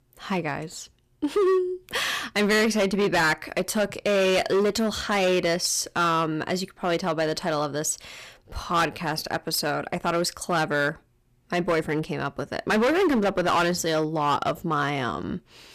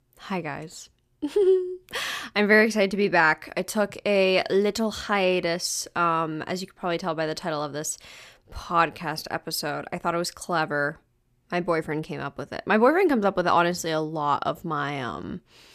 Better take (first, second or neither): second